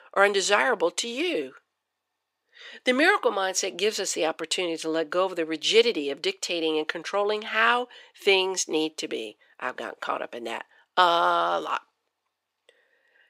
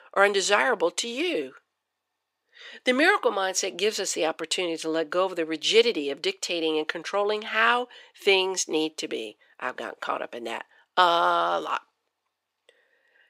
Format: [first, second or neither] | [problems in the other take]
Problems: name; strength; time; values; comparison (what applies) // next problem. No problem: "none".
neither | thin; somewhat; fading below 350 Hz; the same in both